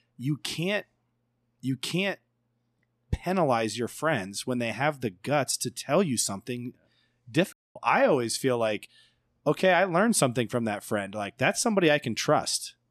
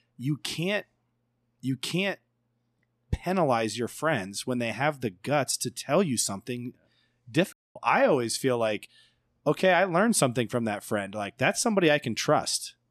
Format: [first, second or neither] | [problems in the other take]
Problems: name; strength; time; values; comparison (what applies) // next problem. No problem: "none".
neither | audio cutting out; at 7.5 s; the same in both